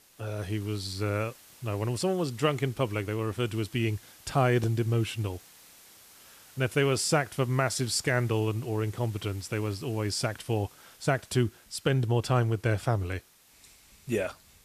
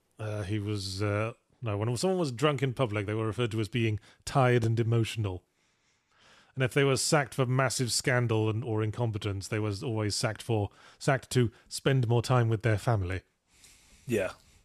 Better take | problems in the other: second | hiss; faint; throughout; 25 dB below the speech

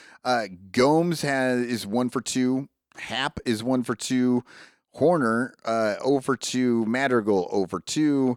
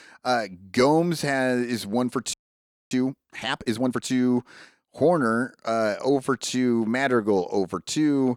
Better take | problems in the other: first | audio freezing; at 2.5 s for 0.5 s

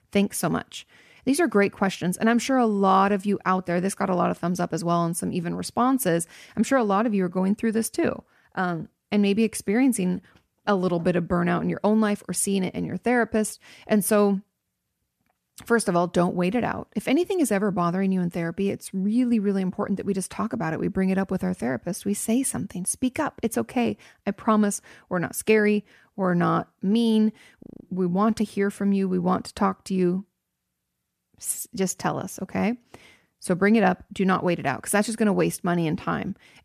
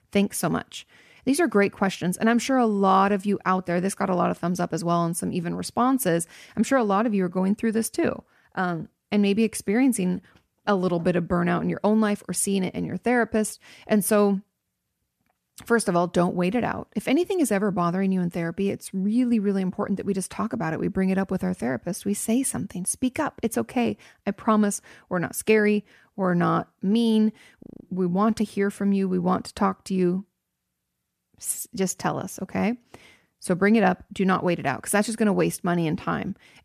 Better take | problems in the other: neither | audio freezing; at 28 s; the same in both

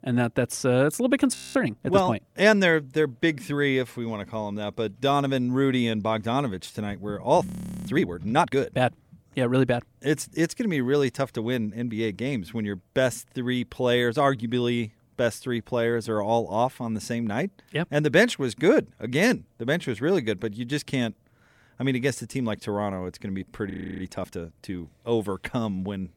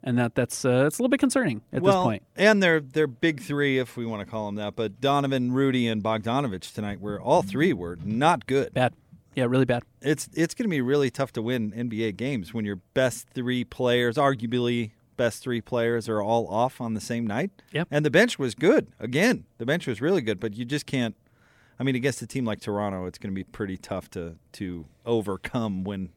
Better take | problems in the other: second | audio freezing; at 1.5 s, at 7.5 s and at 24 s

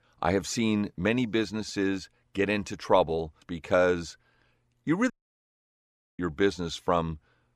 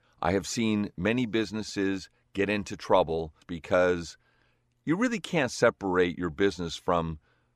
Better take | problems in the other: second | audio cutting out; at 5 s for 1 s

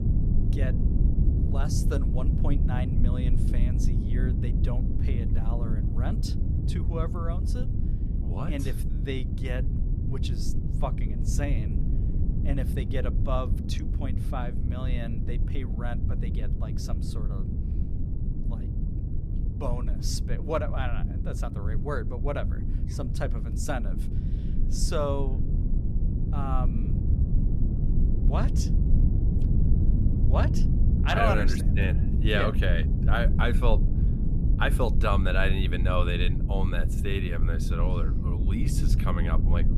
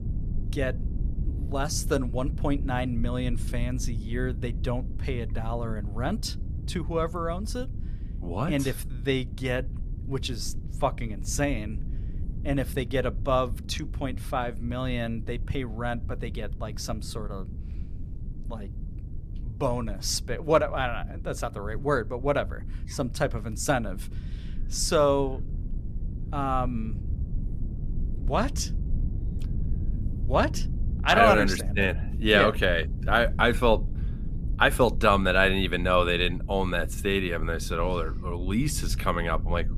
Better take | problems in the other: second | low rumble; loud; throughout; 7 dB below the speech; faint in the second

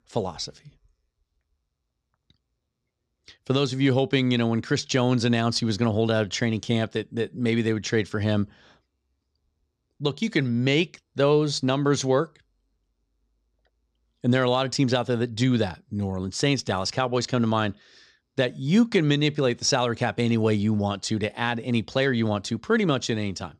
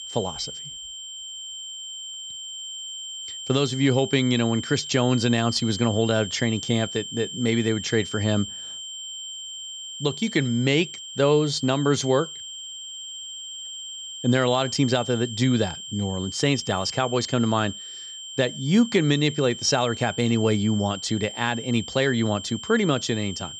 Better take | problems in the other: first | high-pitched whine; noticeable; throughout; 3 kHz, 10 dB below the speech

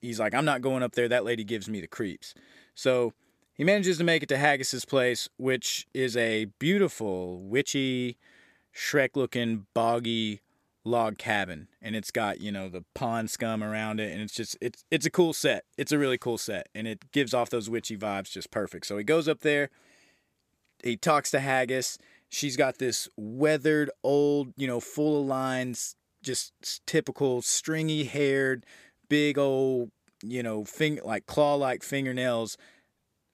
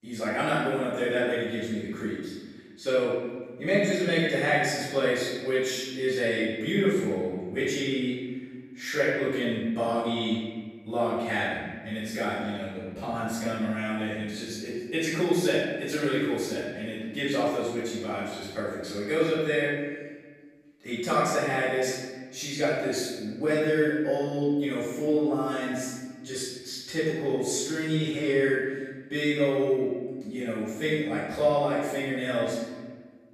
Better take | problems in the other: first | room echo; strong; dies away in 1.3 s // off-mic speech; far

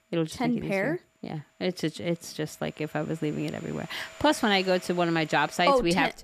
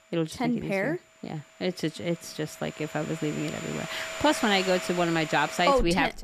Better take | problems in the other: first | household noises; loud; throughout; 9 dB below the speech; faint in the first

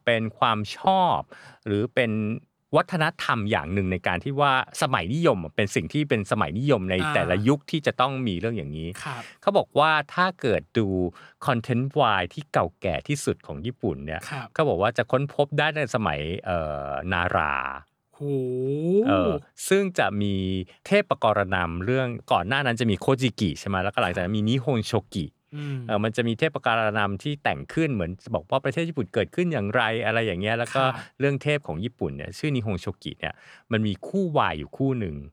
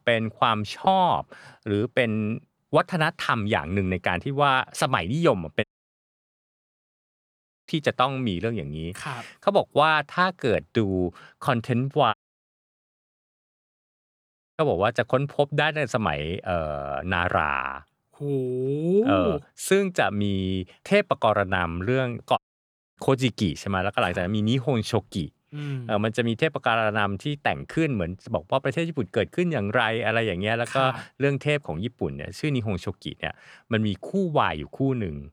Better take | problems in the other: first | audio cutting out; at 5.5 s for 2 s, at 12 s for 2.5 s and at 22 s for 0.5 s

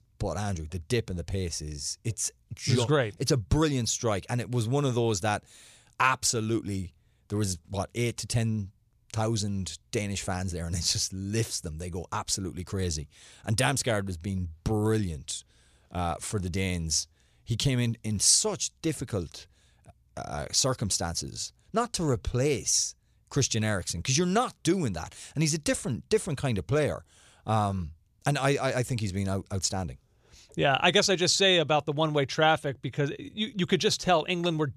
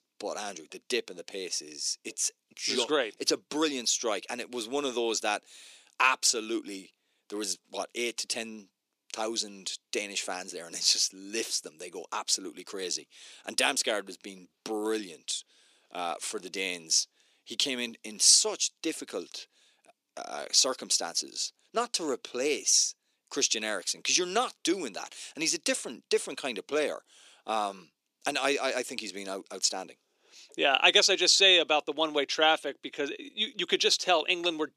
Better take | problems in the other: first | thin; somewhat; fading below 250 Hz

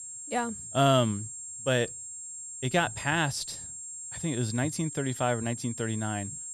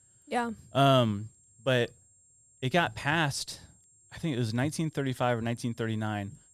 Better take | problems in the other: second | high-pitched whine; loud; throughout; 7.5 kHz, 8 dB below the speech; faint in the second

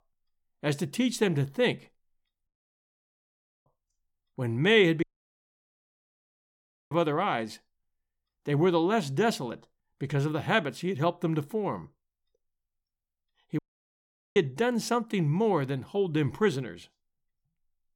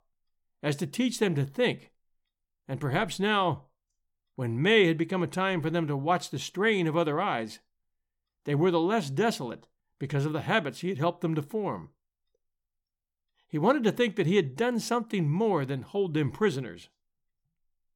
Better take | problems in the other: second | audio cutting out; at 2.5 s for 1 s, at 5 s for 2 s and at 14 s for 1 s

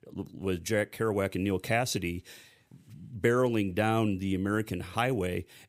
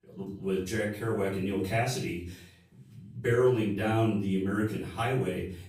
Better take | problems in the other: first | off-mic speech; far // room echo; noticeable; dies away in 0.4 s

